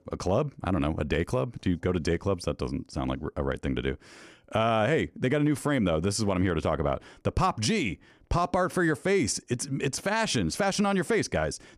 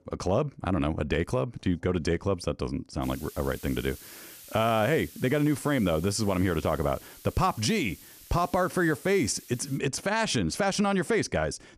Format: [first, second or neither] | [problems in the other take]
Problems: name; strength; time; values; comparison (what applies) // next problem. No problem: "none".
first | hiss; noticeable; from 3 to 10 s; 20 dB below the speech